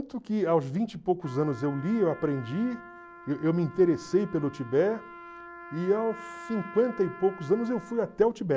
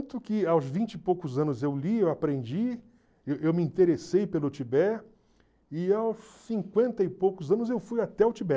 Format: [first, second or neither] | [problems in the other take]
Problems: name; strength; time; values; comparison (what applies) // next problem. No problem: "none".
second | background sound (Trumpet); 18 dB below the speech